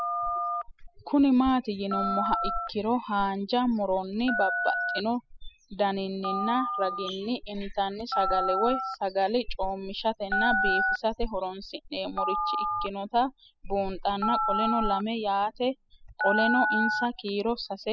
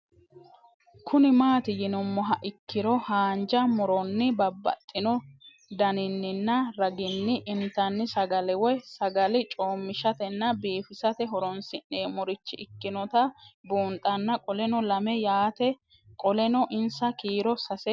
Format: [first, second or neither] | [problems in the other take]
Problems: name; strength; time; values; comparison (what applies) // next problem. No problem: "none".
second | noise reduction (classical method spectral subtraction)